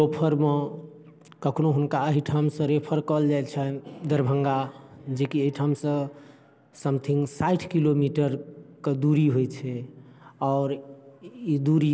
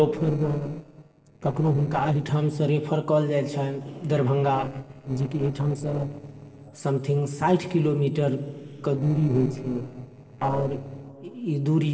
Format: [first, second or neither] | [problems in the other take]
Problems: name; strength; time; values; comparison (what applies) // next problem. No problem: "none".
first | noise reduction (neural separator model SepFormer DNS4)